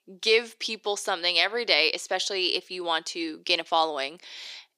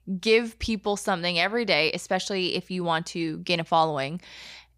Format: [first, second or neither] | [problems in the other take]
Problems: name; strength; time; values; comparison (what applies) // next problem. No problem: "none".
second | thin; somewhat; fading below 350 Hz